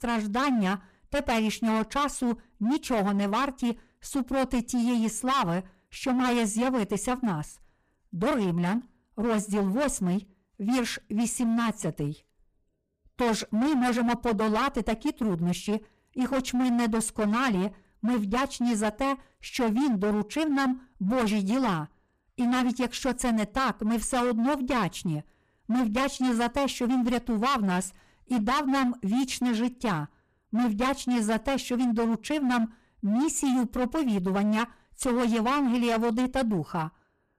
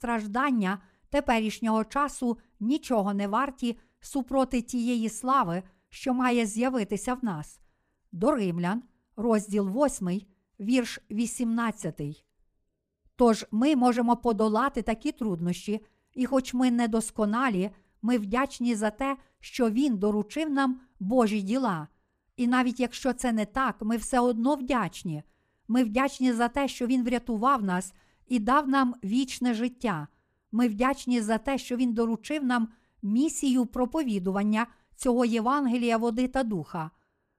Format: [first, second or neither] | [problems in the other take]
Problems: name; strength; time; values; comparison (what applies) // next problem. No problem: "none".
second | distortion; heavy; 22% of the sound clipped